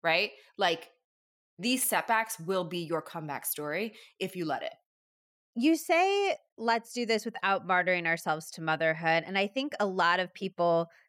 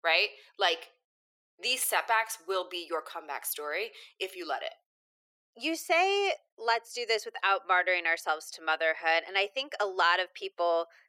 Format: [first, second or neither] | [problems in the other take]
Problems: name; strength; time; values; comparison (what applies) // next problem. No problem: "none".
first | thin; very; fading below 400 Hz